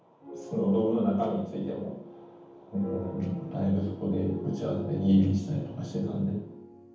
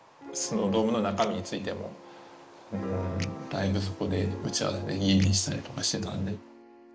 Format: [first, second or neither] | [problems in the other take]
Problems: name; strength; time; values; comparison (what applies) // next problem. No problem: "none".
second | room echo; dies away in 0.9 s